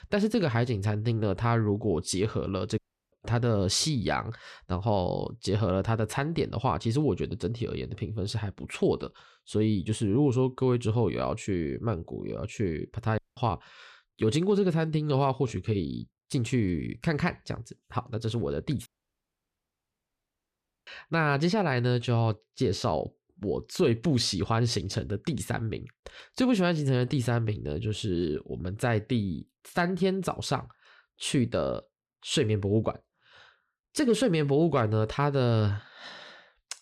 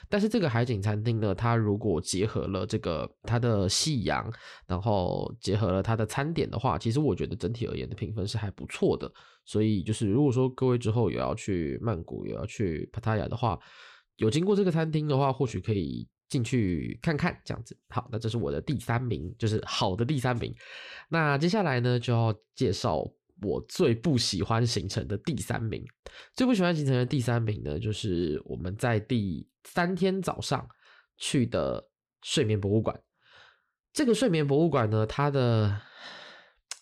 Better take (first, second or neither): second